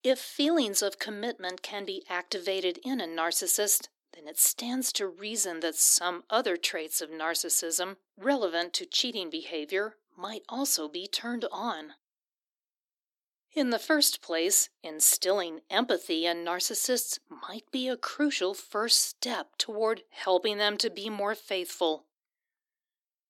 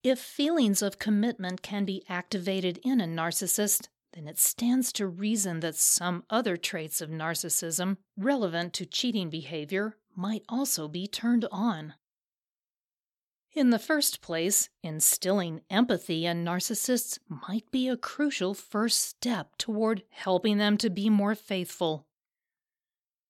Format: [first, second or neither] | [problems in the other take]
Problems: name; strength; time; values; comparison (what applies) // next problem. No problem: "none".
second | thin; somewhat; fading below 300 Hz